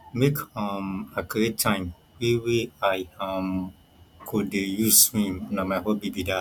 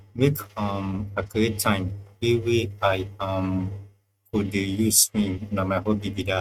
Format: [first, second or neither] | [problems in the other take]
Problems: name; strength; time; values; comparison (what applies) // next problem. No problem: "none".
first | noise reduction (neural mask model RNNoise)